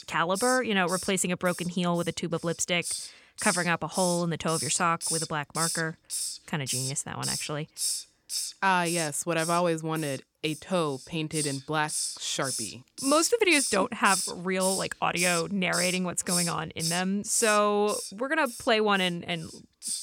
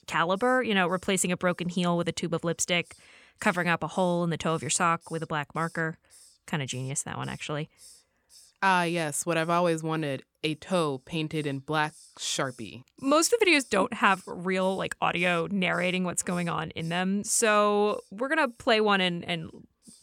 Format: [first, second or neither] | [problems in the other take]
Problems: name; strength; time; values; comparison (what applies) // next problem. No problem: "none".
second | hiss; loud; throughout; 5 dB below the speech; faint in the second